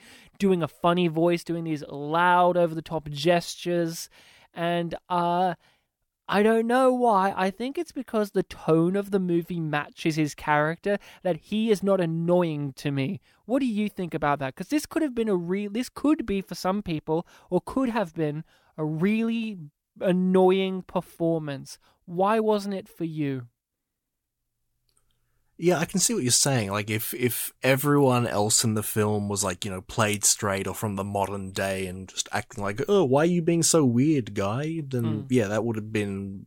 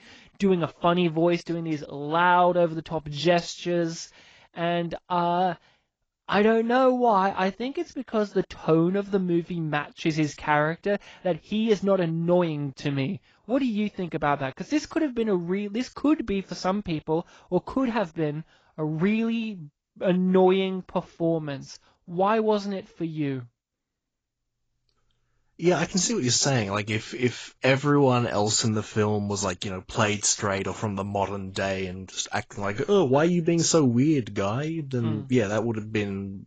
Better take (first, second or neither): first